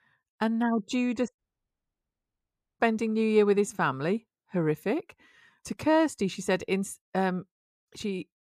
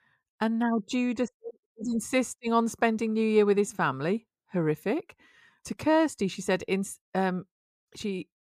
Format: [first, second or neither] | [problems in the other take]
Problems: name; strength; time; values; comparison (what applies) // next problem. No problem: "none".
second | audio cutting out; at 1.5 s for 1.5 s